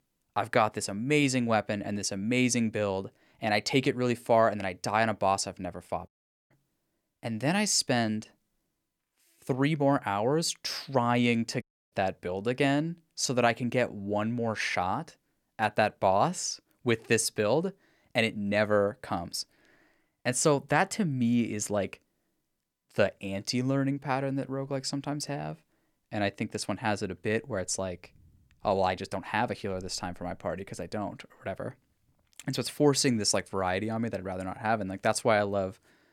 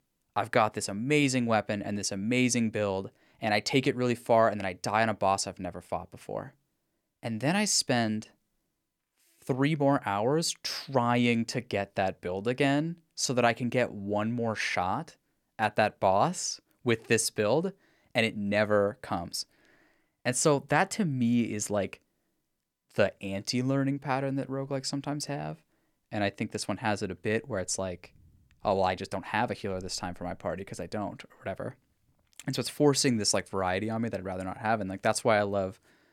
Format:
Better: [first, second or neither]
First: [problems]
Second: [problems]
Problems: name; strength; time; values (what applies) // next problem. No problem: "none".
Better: second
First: audio cutting out; at 6 s and at 12 s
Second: none